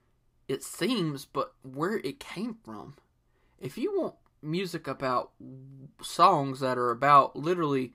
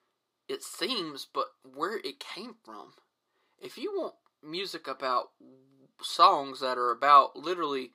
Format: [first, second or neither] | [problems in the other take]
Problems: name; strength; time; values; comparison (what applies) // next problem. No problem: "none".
first | thin; somewhat; fading below 400 Hz